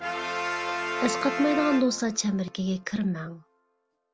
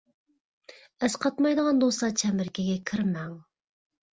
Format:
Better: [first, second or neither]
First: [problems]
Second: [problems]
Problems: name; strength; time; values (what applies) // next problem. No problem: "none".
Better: second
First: background sound (Brass instrument); 5 dB below the speech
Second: none